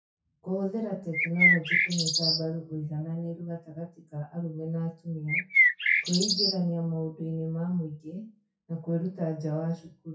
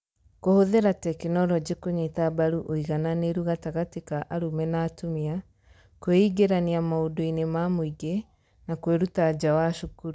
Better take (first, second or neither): second